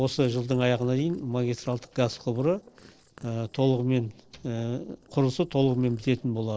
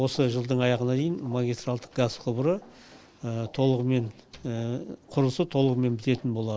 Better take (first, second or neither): second